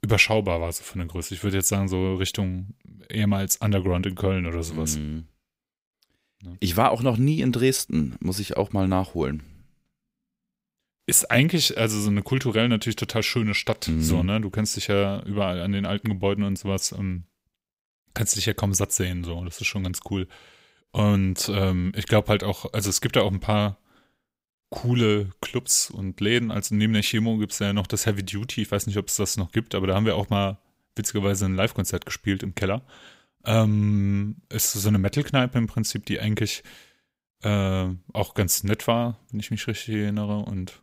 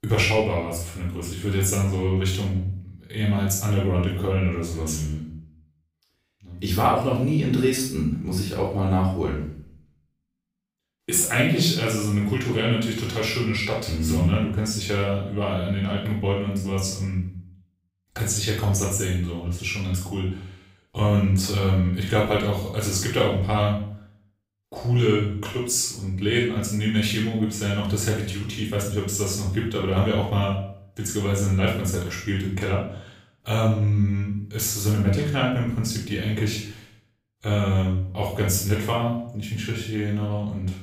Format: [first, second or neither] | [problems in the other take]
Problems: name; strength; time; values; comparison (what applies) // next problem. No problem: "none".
first | off-mic speech; far // room echo; noticeable; dies away in 0.5 s